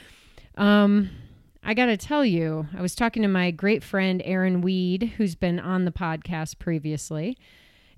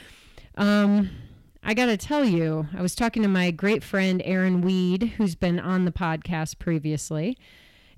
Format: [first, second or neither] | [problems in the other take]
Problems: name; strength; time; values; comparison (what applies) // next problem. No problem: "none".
first | distortion; slight; 8% of the sound clipped